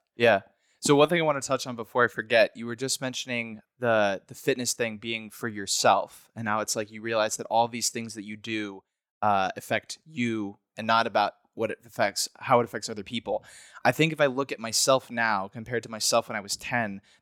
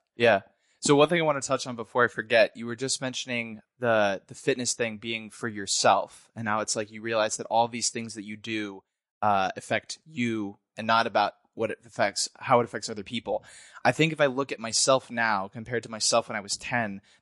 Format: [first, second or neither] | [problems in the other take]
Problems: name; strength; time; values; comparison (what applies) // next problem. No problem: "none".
first | garbled, watery; slightly; nothing above 9.5 kHz